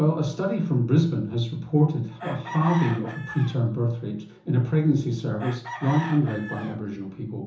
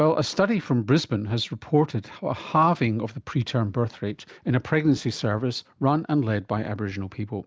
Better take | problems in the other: second | background sound (Chicken, rooster); 14 dB below the speech // room echo; dies away in 0.7 s

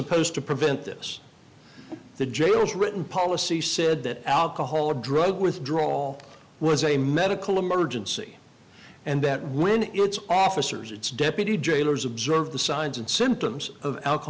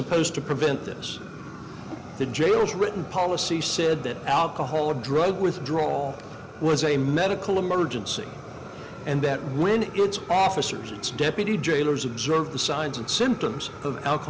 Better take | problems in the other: first | background sound (Fire); 14 dB below the speech

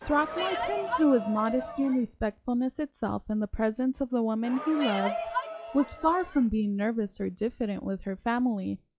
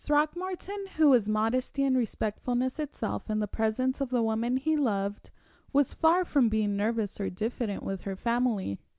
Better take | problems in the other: second | noise reduction (classical method log-MMSE)

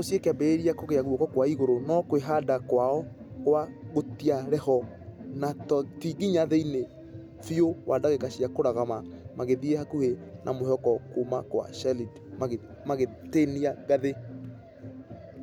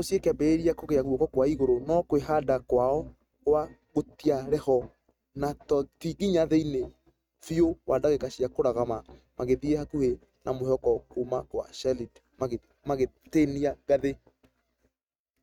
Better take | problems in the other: first | noise reduction (neural mask model RNNoise)

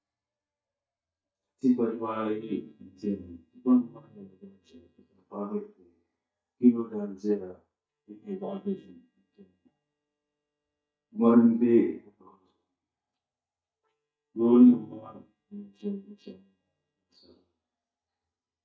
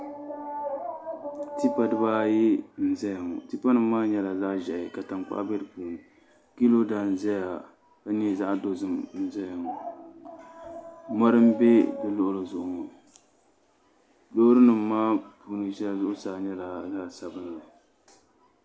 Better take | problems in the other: second | noise reduction (neural mask model DeepFilterNet 3)

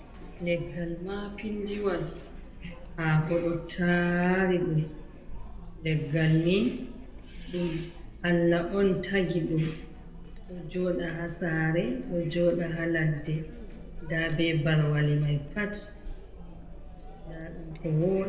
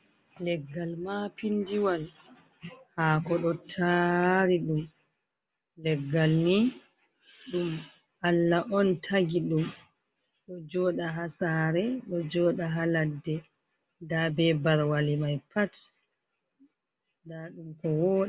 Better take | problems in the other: second | background sound (Chatter); 13 dB below the speech // room echo; dies away in 0.8 s

